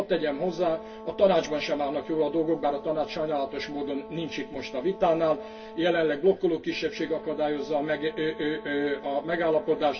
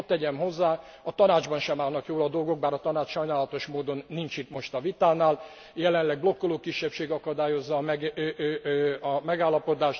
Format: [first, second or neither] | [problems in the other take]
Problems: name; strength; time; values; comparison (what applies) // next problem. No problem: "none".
second | background sound (Brass instrument); 16 dB below the speech // room echo; dies away in 0.1 s